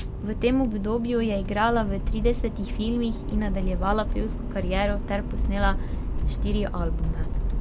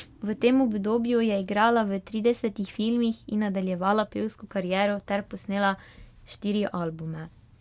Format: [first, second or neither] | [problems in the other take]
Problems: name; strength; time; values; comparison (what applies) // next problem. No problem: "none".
second | background sound (Accelerating, revving, vroom); 1 dB above the speech